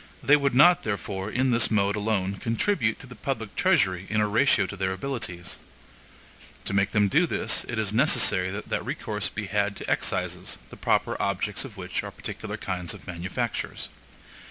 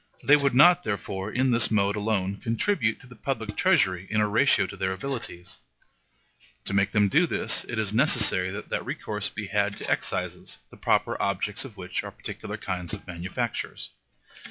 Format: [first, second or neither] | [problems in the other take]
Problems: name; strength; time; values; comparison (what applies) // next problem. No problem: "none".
first | noise reduction (classical method log-MMSE)